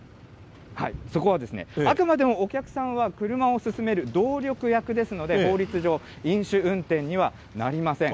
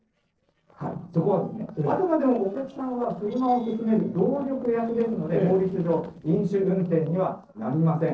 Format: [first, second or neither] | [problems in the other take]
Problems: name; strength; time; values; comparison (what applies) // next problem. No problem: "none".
first | noise reduction (neural separator model SepFormer DNS4)